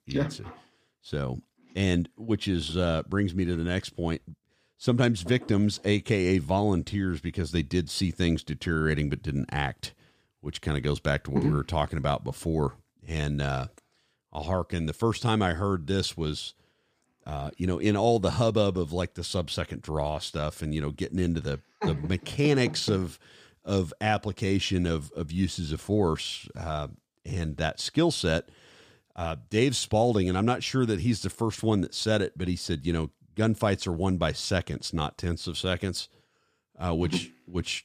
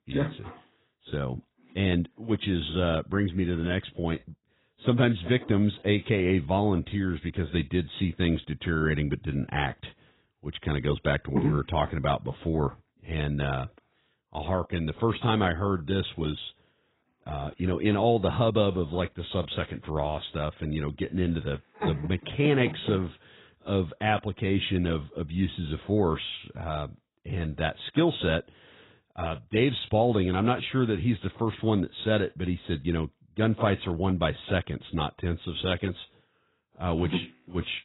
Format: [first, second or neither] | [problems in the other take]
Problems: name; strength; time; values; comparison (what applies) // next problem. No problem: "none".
first | garbled, watery; badly; nothing above 4 kHz